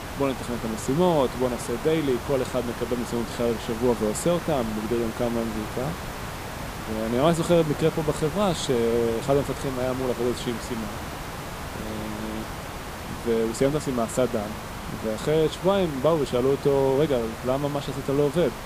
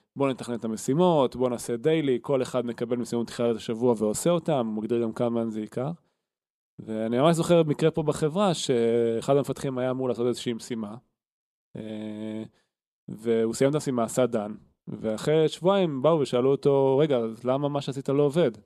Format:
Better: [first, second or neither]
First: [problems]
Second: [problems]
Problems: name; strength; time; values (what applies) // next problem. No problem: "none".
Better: second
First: hiss; loud; throughout; 9 dB below the speech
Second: none